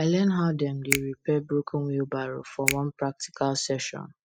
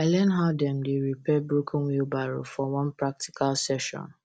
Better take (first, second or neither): second